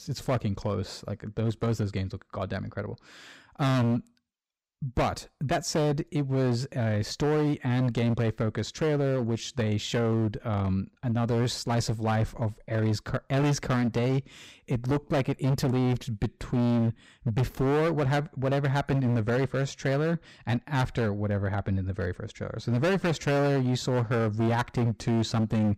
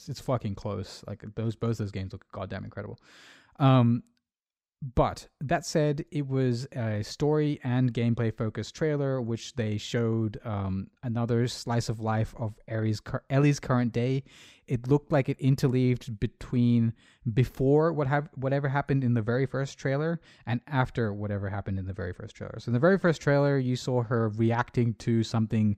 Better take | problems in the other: second | distortion; heavy; 15% of the sound clipped

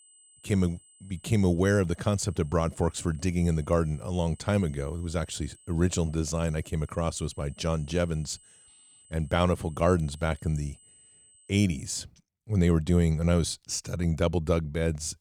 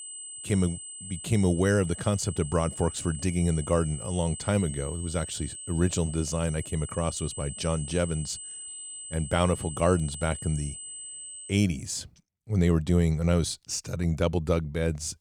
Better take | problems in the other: first | high-pitched whine; loud; until 12 s; 8 kHz, 10 dB below the speech; faint in the first

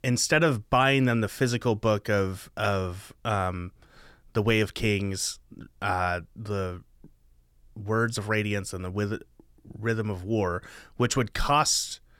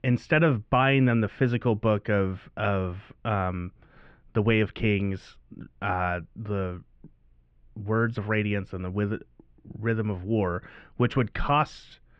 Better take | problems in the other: first | muffled; very; fading above 2.5 kHz

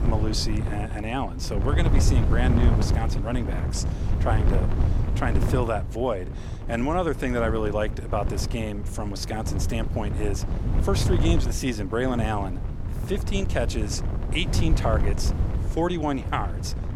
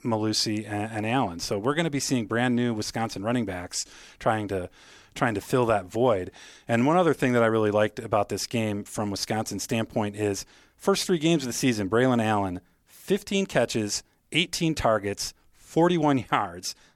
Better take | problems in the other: second | wind noise on the microphone; heavy; 8 dB below the speech

